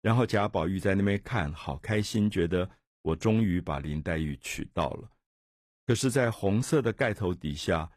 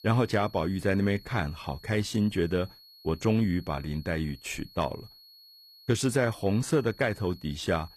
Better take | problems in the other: first | high-pitched whine; faint; throughout; 4.5 kHz, 20 dB below the speech

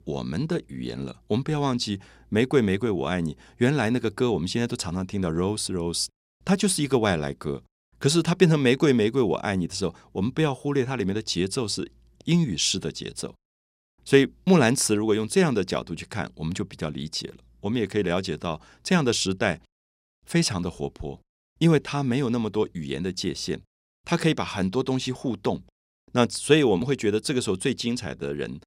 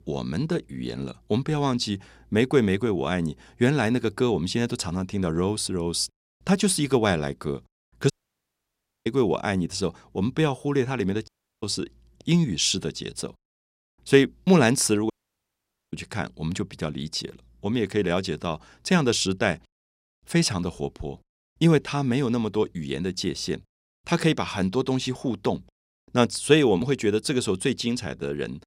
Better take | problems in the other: first | audio cutting out; at 8 s for 1 s, at 11 s and at 15 s for 1 s

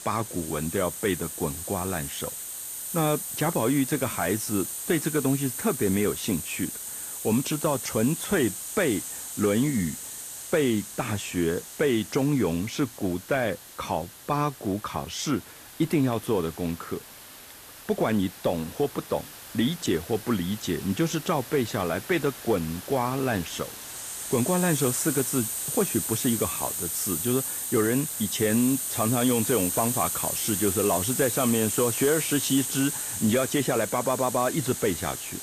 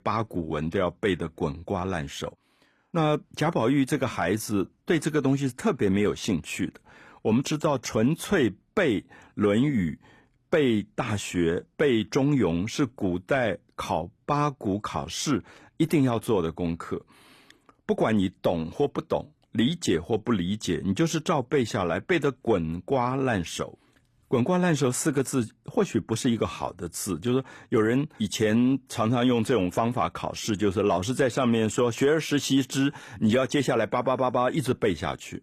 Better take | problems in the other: second | hiss; loud; throughout; 4 dB below the speech

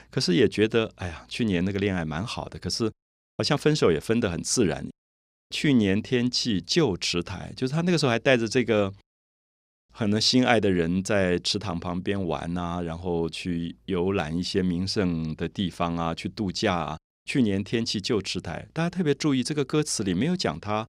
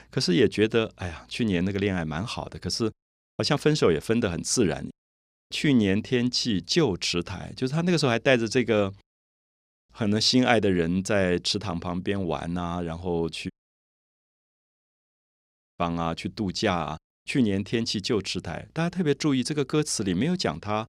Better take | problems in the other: first | audio cutting out; at 14 s for 2.5 s

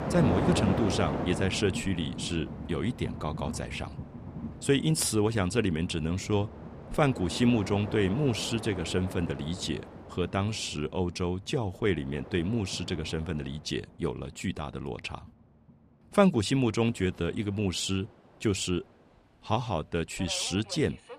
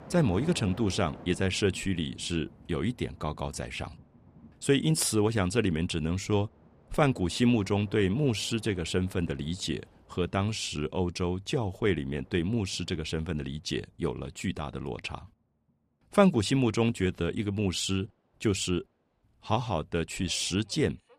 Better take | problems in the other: second | train or aircraft noise; loud; throughout; 8 dB below the speech; faint in the second

